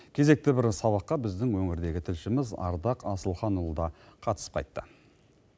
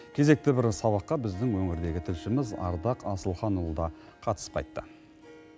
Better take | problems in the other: first | background sound (Harp); 18 dB below the speech

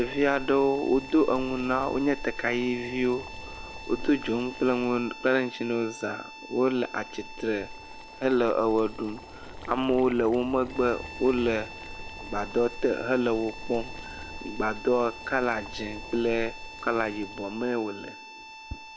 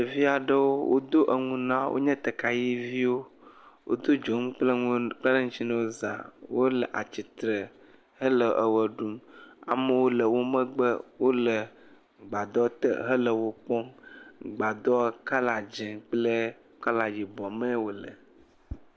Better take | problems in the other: second | background sound (Harmonica + Boiling); 12 dB below the speech

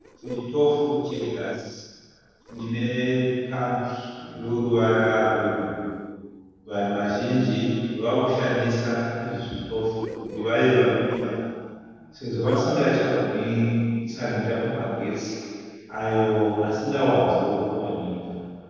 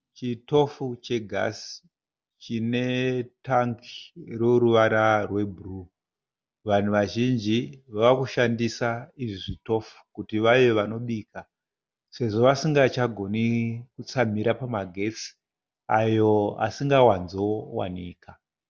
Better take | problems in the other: second | noise reduction (neural separator model SepFormer DNS4)

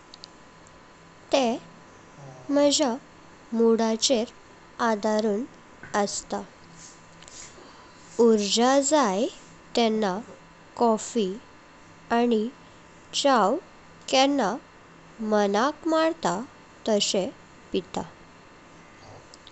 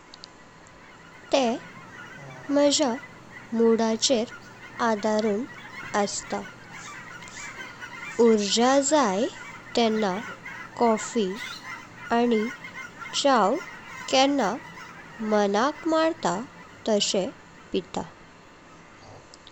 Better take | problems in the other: first | background sound (Chirp, tweet / Fowl); 16 dB below the speech

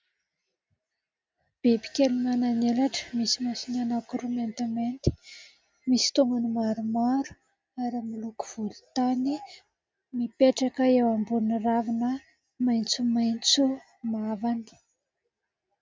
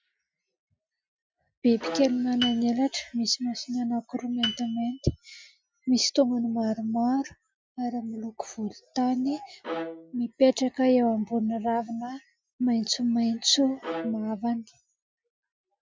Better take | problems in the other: first | noise reduction (classical method Wiener filter)

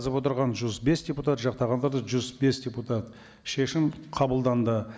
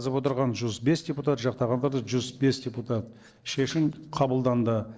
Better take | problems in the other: first | noise reduction (neural separator model SepFormer DNS4)

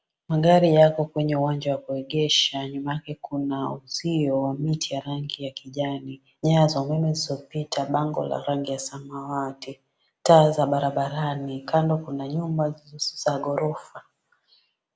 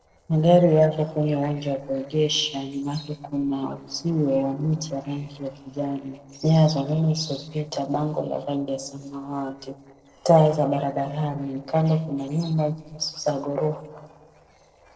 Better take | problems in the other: first | noise reduction (neural separator model SepFormer DNS4)

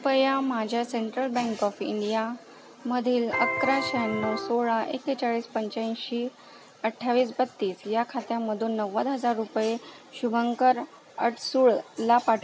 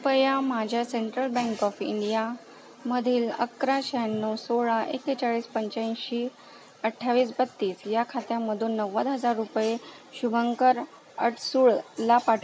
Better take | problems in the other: second | background sound (Electric guitar); 3 dB below the speech

